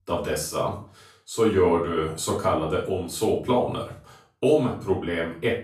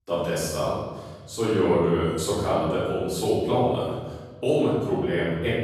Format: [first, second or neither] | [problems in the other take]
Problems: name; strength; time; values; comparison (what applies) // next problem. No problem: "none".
first | room echo; strong; dies away in 1.3 s; slight in the first // off-mic speech; far; far in the first